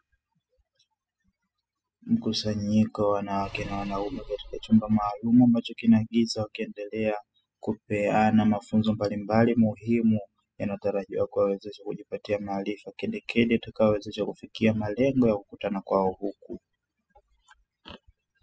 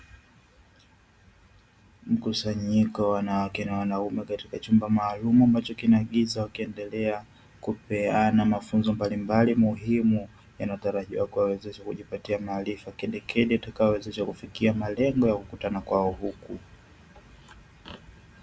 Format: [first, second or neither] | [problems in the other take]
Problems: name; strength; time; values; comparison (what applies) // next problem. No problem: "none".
second | noise reduction (classical method spectral subtraction)